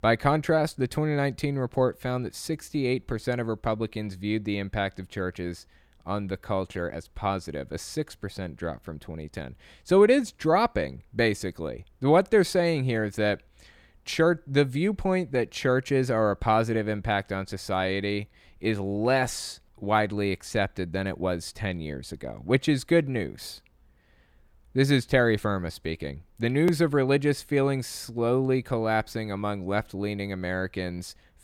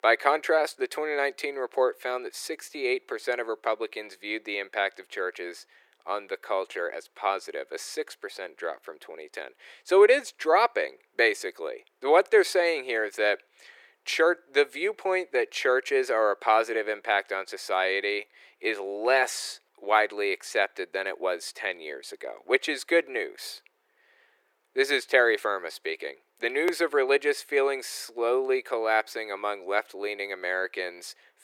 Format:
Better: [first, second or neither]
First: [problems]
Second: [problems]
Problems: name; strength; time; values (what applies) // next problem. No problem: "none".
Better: first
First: none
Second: thin; very; fading below 400 Hz